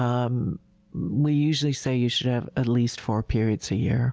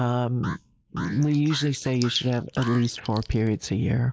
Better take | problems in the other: first | noise reduction (neural mask model Resemble Enhance denoiser)

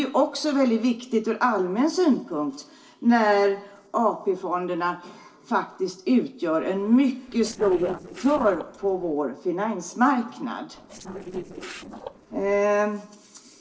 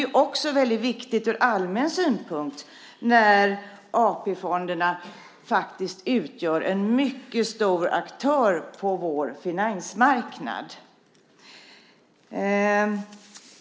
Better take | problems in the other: second | noise reduction (neural separator model SepFormer DNS4)

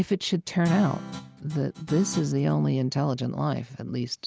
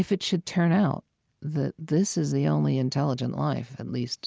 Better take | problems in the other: second | background sound (Guitar); 12 dB below the speech

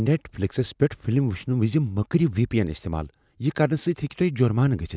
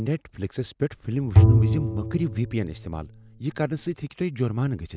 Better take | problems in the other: first | background sound (Bowed string instrument); 5 dB above the speech

